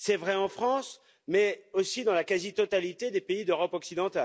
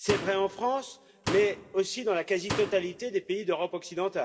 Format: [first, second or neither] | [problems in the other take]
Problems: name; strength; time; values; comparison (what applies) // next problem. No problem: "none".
first | background sound (Slam); 9 dB below the speech // room echo; dies away in 1.4 s